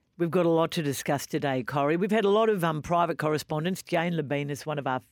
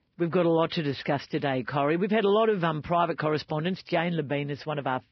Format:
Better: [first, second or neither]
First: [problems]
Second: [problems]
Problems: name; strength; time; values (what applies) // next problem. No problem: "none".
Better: first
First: none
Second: garbled, watery; badly; nothing above 5.5 kHz